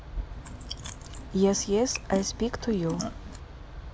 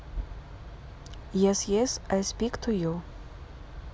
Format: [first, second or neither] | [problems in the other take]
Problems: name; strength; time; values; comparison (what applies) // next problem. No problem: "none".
second | background sound (Chewing, mastication); 11 dB below the speech